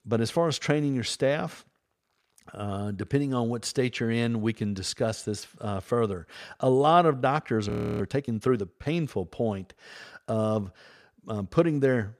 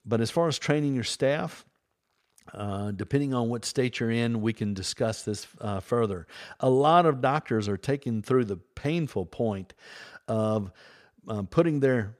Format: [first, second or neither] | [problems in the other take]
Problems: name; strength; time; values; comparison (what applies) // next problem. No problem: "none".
second | audio freezing; at 7.5 s